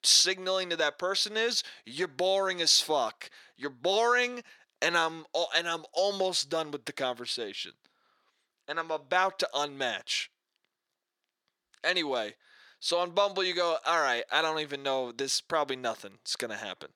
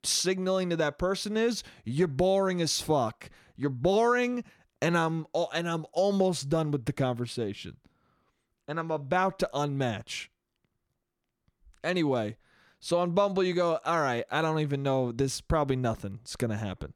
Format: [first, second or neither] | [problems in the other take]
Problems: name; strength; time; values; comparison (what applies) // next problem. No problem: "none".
second | thin; somewhat; fading below 500 Hz